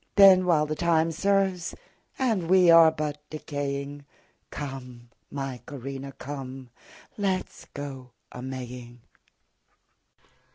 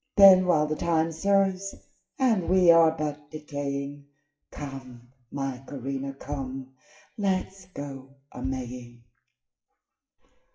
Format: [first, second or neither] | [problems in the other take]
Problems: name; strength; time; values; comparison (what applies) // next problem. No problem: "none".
first | noise reduction (classical method WPE with log-MMSE)